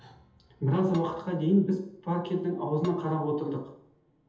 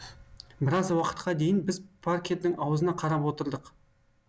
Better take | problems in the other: second | background sound (Dishes, pots, and pans); 20 dB below the speech // room echo; dies away in 0.8 s

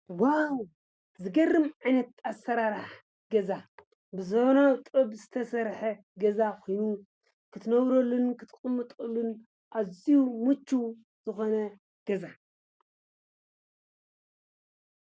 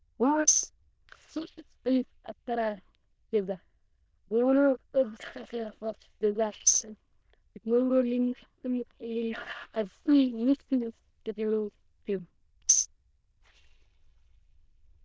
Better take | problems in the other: first | noise reduction (neural diffusion model UNIVERSE++)

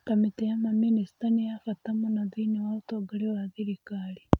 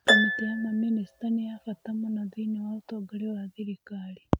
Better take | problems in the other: first | background sound (Harp); as loud as the speech

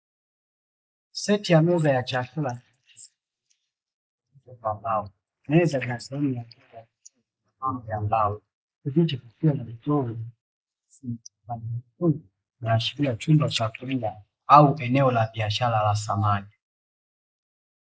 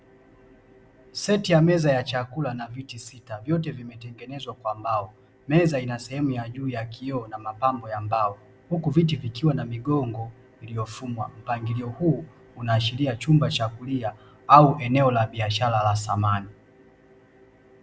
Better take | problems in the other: second | noise reduction (neural mask model Resemble Enhance denoiser)

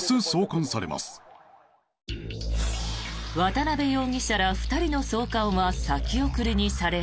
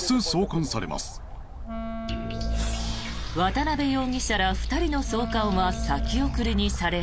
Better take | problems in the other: first | background sound (Wind instrument, woodwind instrument + Bird); 8 dB below the speech

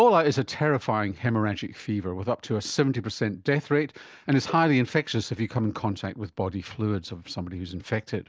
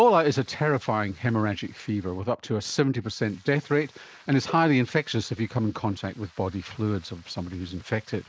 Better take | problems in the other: first | noise reduction (neural mask model Resemble Enhance denoiser)

